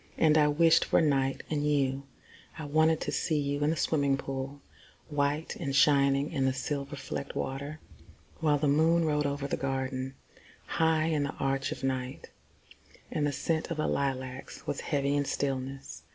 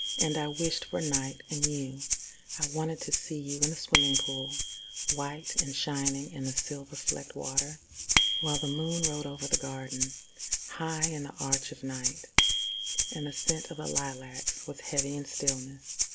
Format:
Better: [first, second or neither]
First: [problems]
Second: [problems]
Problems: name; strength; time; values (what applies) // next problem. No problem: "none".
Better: first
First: none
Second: background sound (Rattle (instrument) + Bicycle bell); 4 dB above the speech